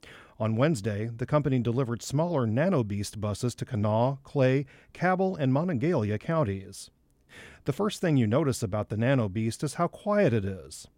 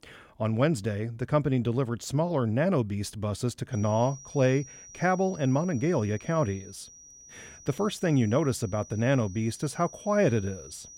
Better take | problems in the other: first | high-pitched whine; noticeable; from 3.5 s on; 6 kHz, 20 dB below the speech

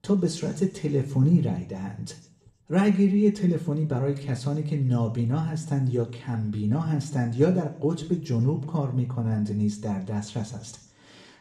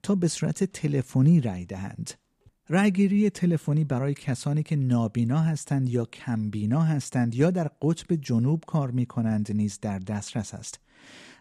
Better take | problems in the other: second | room echo; very slight; dies away in 0.7 s

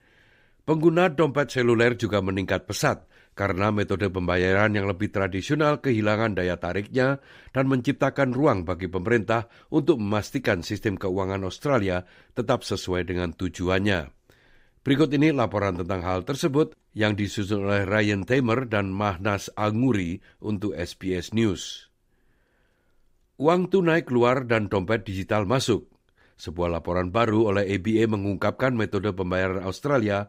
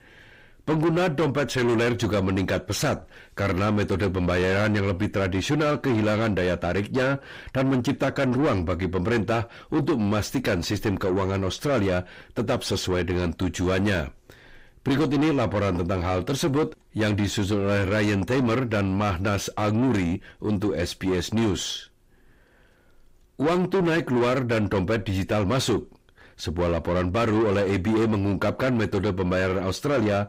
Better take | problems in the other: first | distortion; heavy; 6 dB below the speech

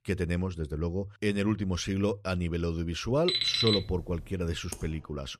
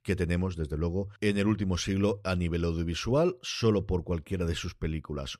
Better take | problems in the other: second | alarm; loud; at 3.5 s; peak 6 dB above the speech // keyboard typing; faint; at 4.5 s; peak 10 dB below the speech

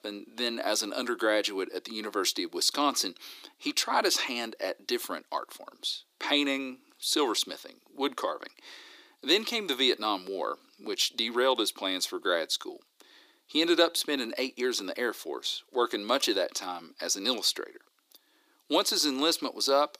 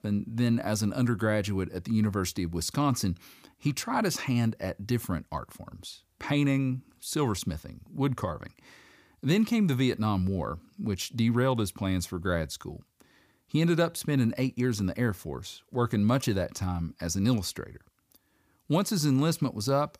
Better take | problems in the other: second | thin; somewhat; fading below 300 Hz

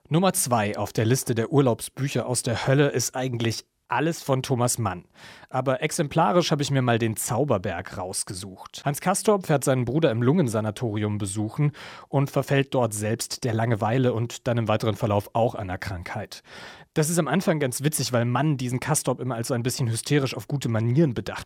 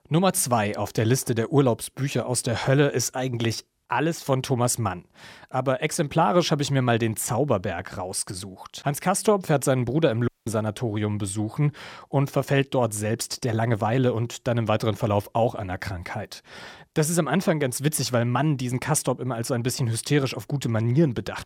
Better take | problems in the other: first | audio cutting out; at 10 s

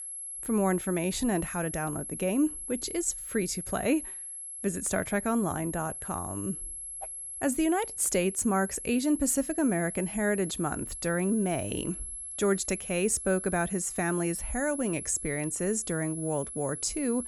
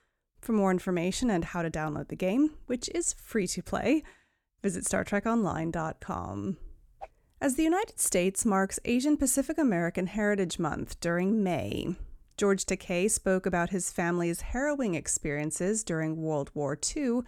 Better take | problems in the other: second | high-pitched whine; loud; throughout; 11 kHz, 7 dB below the speech

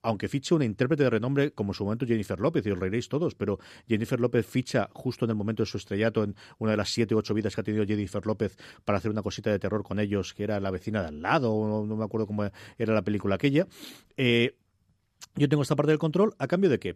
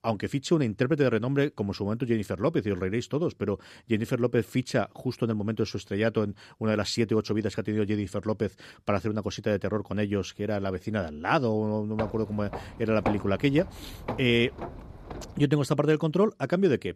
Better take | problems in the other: first | footsteps; noticeable; from 12 to 15 s; peak 5 dB below the speech

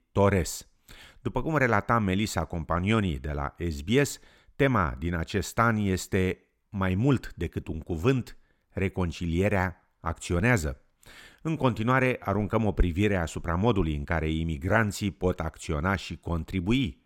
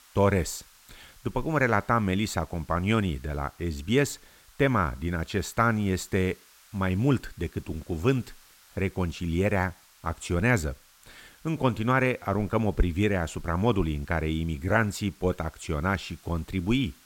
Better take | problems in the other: first | hiss; faint; throughout; 25 dB below the speech

